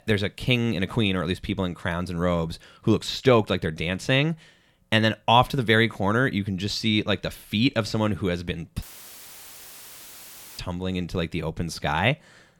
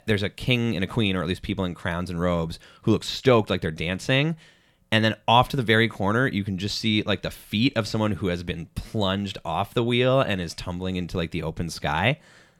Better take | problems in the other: second | audio cutting out; filled with static; at 9 s for 2 s

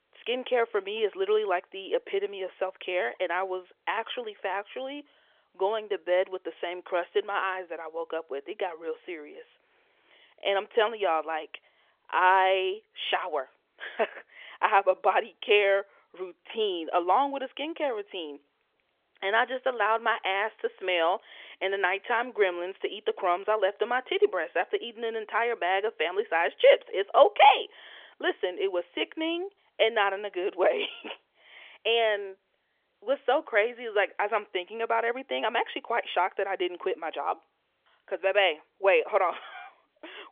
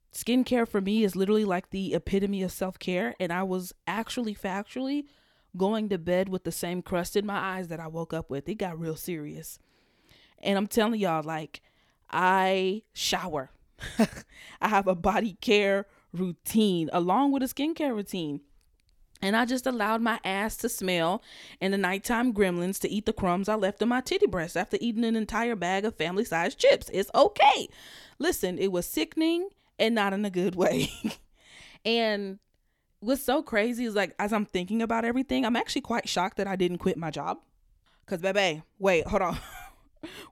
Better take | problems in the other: second | phone-call audio; nothing above 3.5 kHz

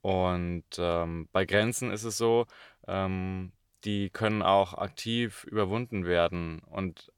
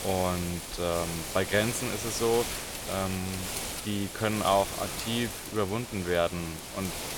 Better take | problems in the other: first | wind noise on the microphone; heavy; 6 dB below the speech

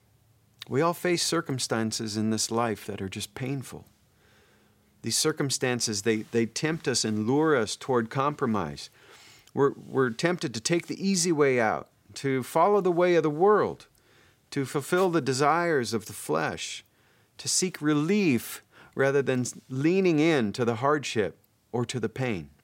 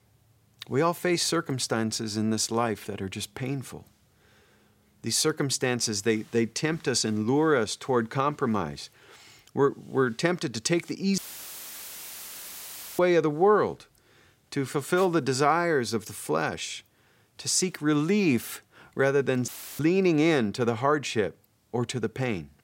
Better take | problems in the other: first | audio cutting out; filled with static; at 11 s for 2 s and at 19 s

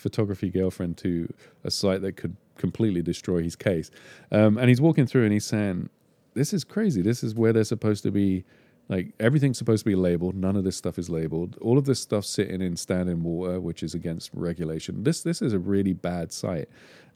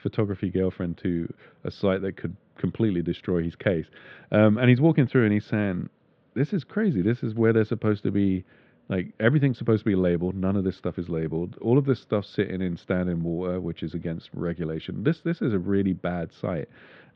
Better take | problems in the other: first | muffled; very; fading above 3.5 kHz

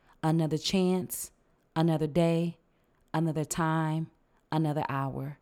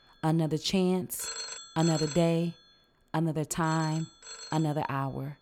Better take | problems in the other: first | alarms or sirens; loud; throughout; 10 dB below the speech

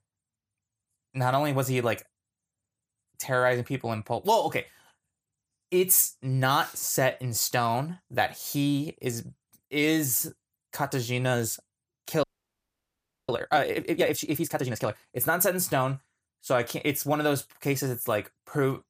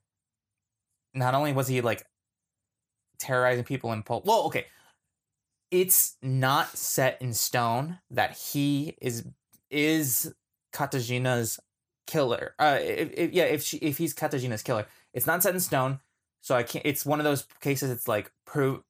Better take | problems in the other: second | audio freezing; at 12 s for 1 s

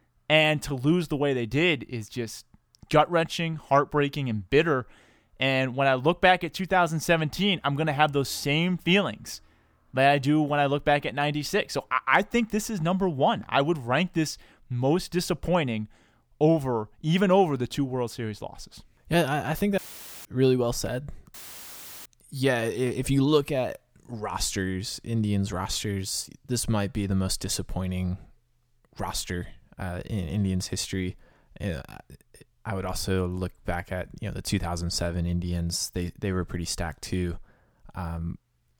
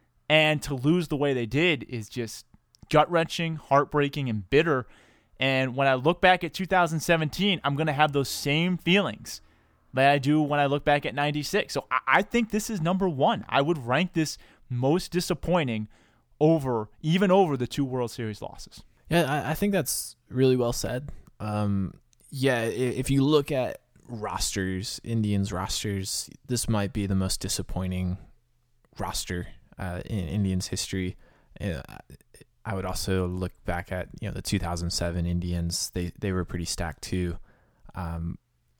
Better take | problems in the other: second | audio cutting out; filled with static; at 20 s and at 21 s for 0.5 s

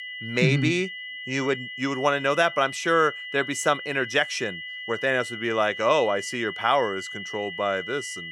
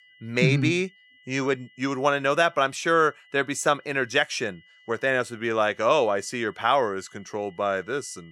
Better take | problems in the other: second | high-pitched whine; loud; throughout; 2 kHz, 9 dB below the speech; faint in the second

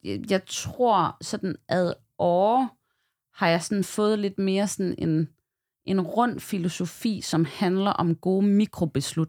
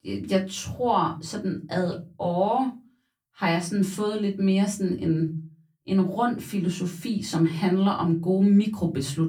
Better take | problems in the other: first | off-mic speech; far // room echo; very slight; dies away in 0.2 s

